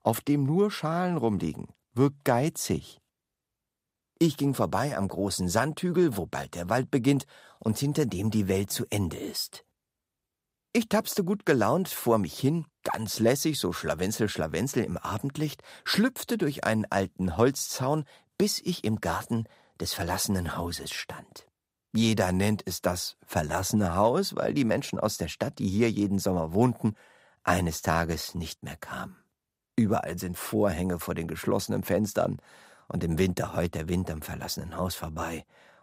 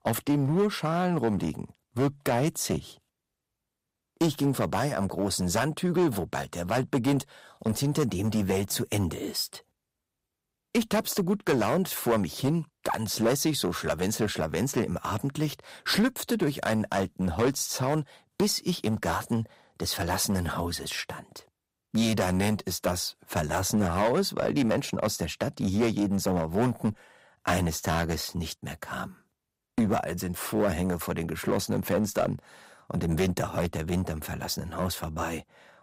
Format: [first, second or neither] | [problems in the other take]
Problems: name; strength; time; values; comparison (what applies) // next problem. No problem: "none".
first | distortion; slight; 6% of the sound clipped